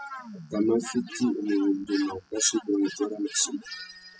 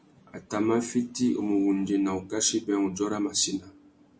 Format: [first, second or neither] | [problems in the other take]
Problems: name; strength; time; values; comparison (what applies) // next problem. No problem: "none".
second | noise reduction (classical method spectral subtraction)